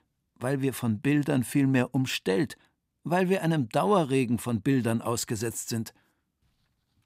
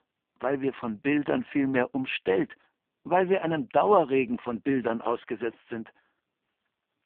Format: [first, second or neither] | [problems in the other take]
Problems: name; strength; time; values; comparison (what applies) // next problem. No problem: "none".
first | phone-call audio; poor line